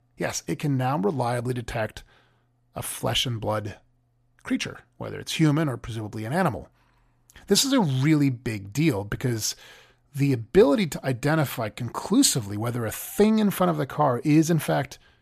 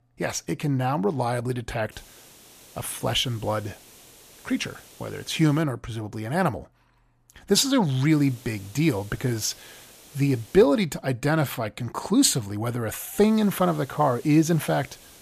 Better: first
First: none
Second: hiss; faint; from 2 to 5.5 s, from 8 to 11 s and from 13 s on; 25 dB below the speech

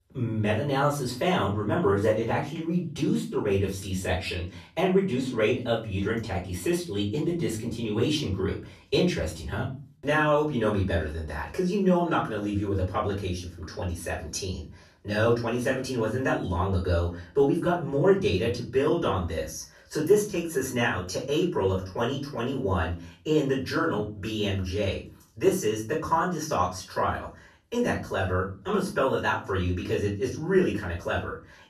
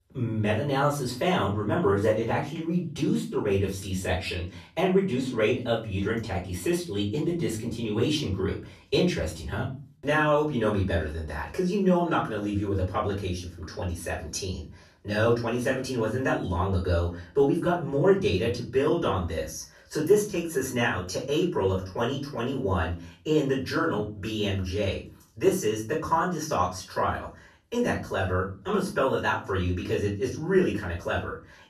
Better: neither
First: room echo; slight; dies away in 0.4 s // off-mic speech; far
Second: room echo; slight; dies away in 0.4 s // off-mic speech; far

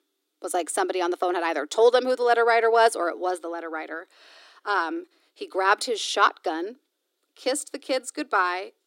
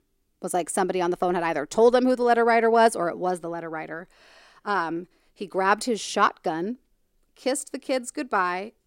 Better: second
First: thin; somewhat; fading below 300 Hz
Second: none

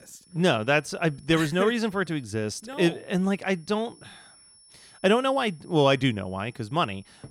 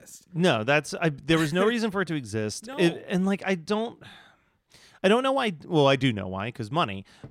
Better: second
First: high-pitched whine; faint; throughout; 10 kHz, 30 dB below the speech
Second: none

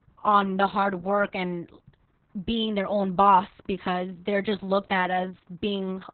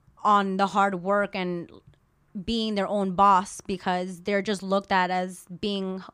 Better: second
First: garbled, watery; badly; nothing above 3.5 kHz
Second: none

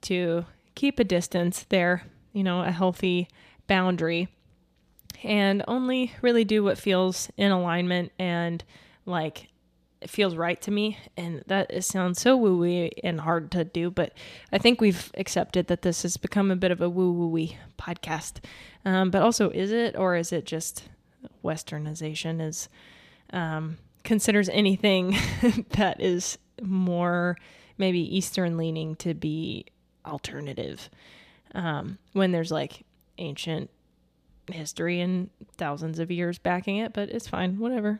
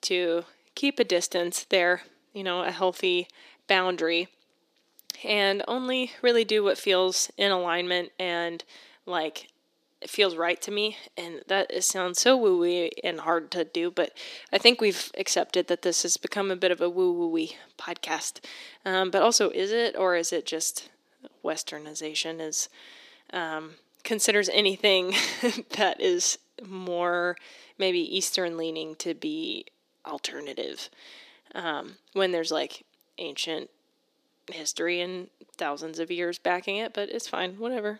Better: first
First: none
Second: thin; somewhat; fading below 300 Hz

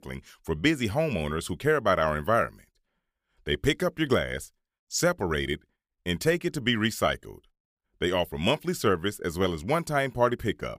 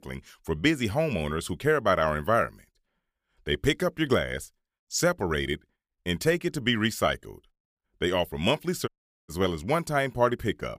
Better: first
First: none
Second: audio cutting out; at 9 s

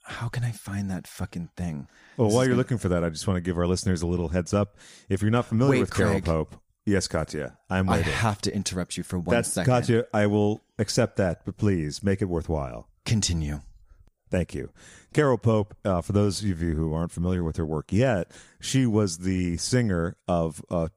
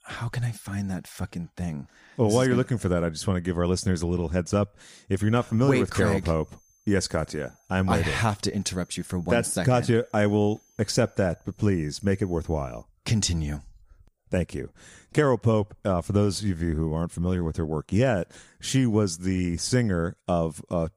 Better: first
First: none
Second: high-pitched whine; faint; from 5 to 13 s; 6.5 kHz, 35 dB below the speech

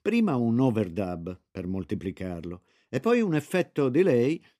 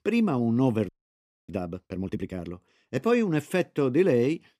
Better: first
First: none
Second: audio freezing; at 1 s for 0.5 s

